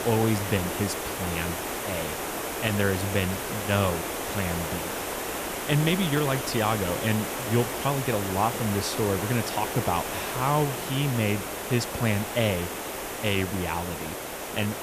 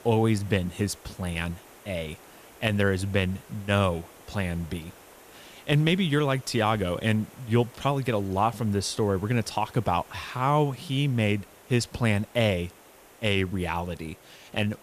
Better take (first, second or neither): second